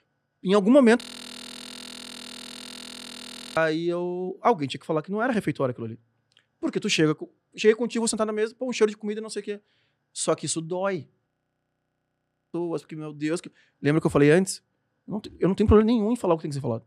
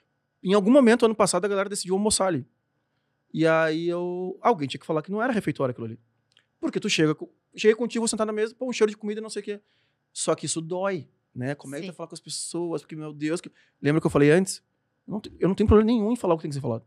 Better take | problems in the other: second | audio freezing; at 1 s for 2.5 s and at 11 s for 1.5 s

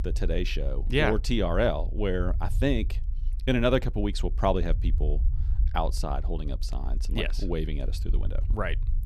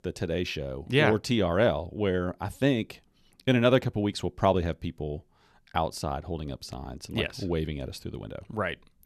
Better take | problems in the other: second | low rumble; faint; throughout; 20 dB below the speech

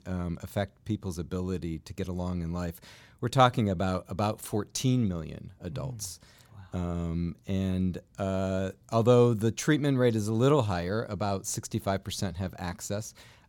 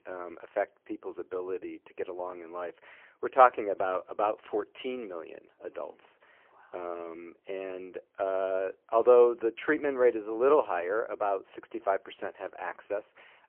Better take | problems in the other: first | phone-call audio; poor line; nothing above 3 kHz

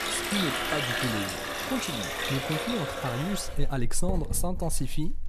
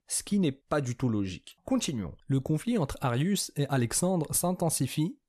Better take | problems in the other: second | household noises; very loud; throughout; 1 dB above the speech

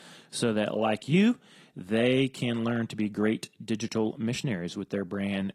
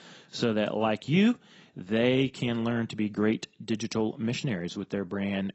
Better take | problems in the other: first | garbled, watery; badly; nothing above 8 kHz; slightly in the first

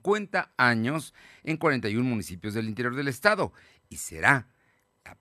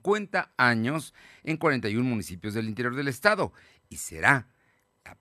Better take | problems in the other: neither | none

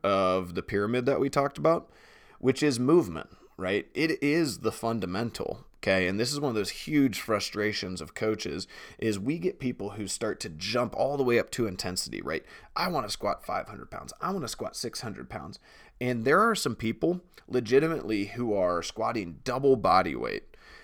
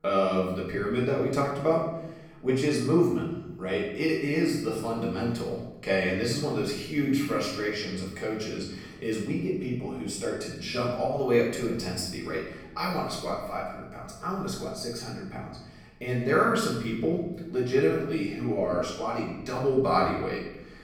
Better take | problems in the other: first | room echo; noticeable; dies away in 0.9 s // off-mic speech; far

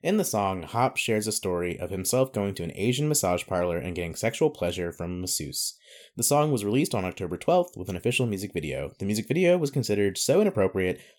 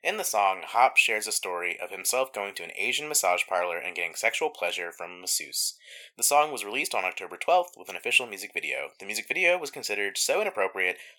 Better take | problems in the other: first | thin; very; fading below 800 Hz

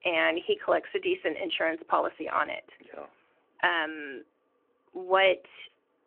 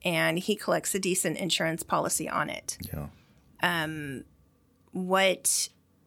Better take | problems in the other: second | phone-call audio; nothing above 3 kHz

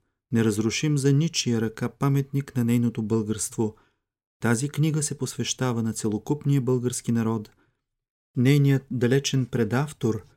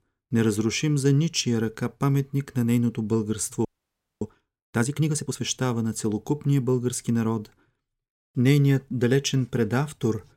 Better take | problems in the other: first | audio freezing; at 3.5 s for 0.5 s

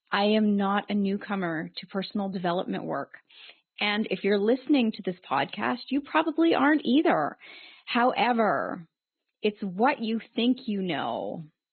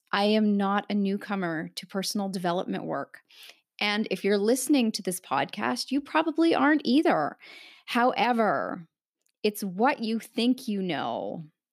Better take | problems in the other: second | garbled, watery; badly; nothing above 4 kHz

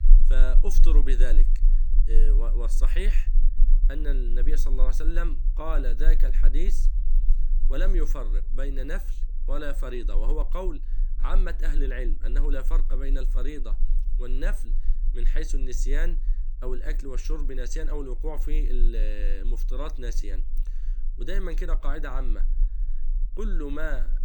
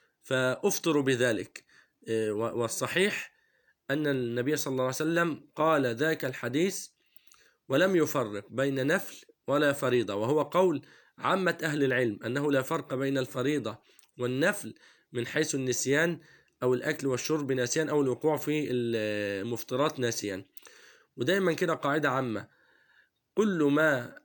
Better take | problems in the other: second | low rumble; noticeable; throughout; 20 dB below the speech

